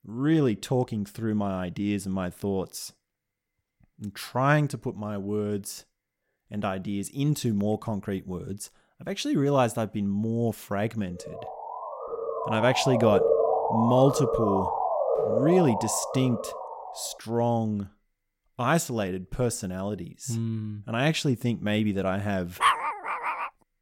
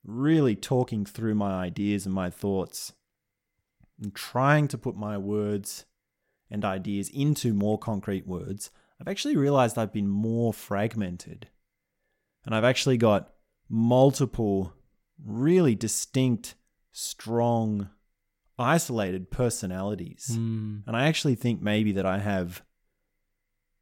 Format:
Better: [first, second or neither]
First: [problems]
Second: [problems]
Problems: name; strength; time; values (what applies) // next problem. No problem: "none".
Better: second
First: siren; loud; from 11 to 17 s; peak 5 dB above the speech // dog barking; loud; at 23 s; peak 4 dB above the speech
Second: none